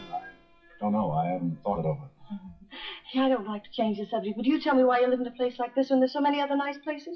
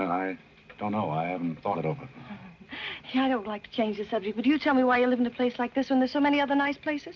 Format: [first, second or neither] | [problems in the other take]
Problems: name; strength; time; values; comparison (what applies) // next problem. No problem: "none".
second | noise reduction (classical method WPE with log-MMSE)